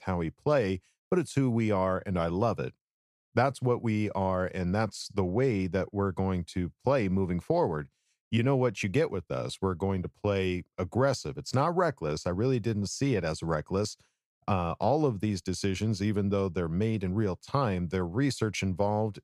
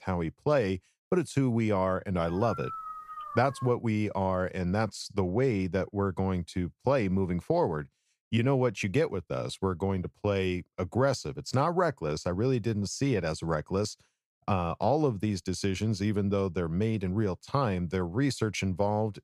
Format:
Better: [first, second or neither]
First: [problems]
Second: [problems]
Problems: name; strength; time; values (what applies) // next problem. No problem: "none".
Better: first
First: none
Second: dog barking; noticeable; from 2 to 3.5 s; peak 9 dB below the speech